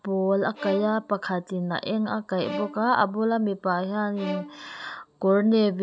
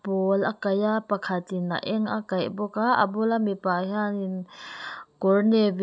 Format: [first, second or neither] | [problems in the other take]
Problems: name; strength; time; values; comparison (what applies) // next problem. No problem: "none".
second | background sound (Bowed string instrument); 14 dB below the speech